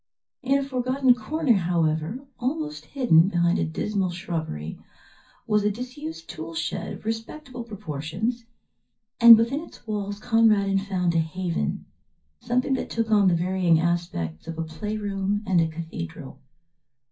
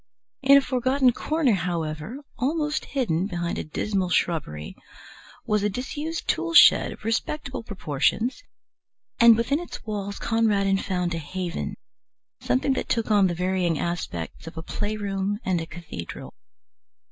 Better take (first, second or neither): second